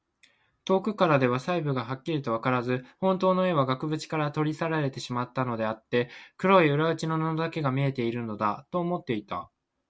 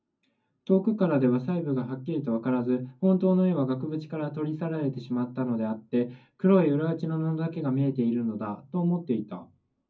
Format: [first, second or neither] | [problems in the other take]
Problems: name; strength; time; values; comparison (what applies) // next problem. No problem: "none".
first | room echo; dies away in 0.4 s